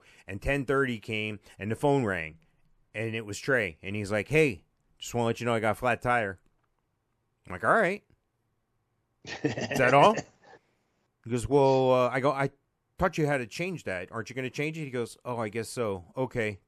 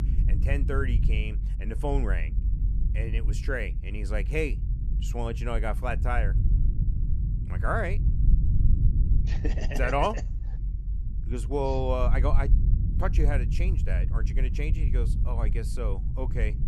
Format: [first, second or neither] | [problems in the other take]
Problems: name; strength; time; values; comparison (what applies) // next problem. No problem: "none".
first | low rumble; noticeable; throughout; 10 dB below the speech